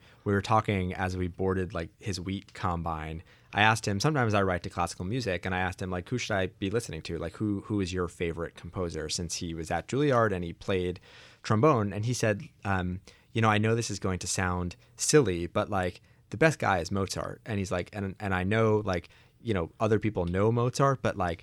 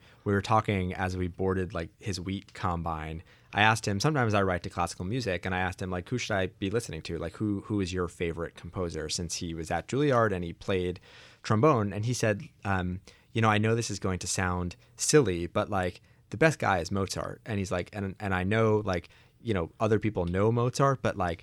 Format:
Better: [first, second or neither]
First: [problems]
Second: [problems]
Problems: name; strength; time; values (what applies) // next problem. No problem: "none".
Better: neither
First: none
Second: none